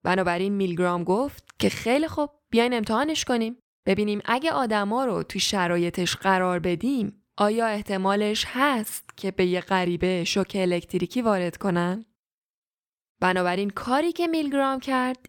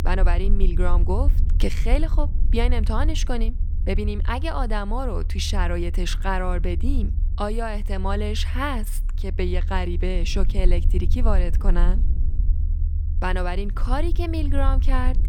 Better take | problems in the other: first | low rumble; noticeable; throughout; 15 dB below the speech

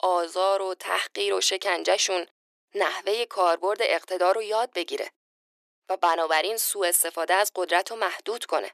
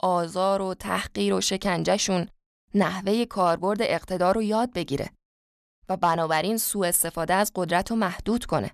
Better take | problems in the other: second | thin; very; fading below 350 Hz

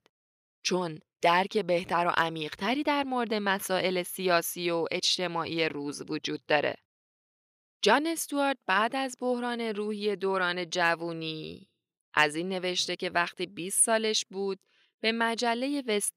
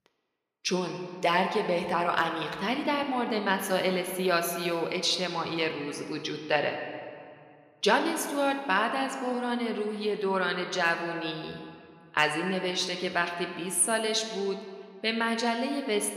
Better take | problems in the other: first | room echo; slight; dies away in 1.7 s

